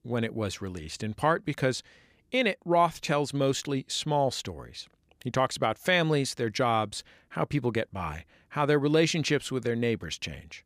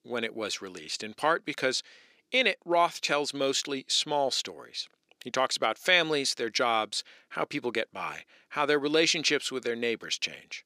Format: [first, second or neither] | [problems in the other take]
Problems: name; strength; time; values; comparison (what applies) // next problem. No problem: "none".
first | thin; somewhat; fading below 350 Hz